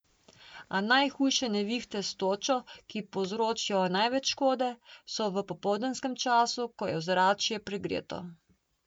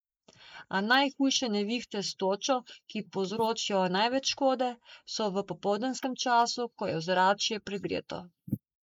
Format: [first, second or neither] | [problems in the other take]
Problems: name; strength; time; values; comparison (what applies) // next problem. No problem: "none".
first | noise reduction (neural mask model Resemble Enhance denoiser)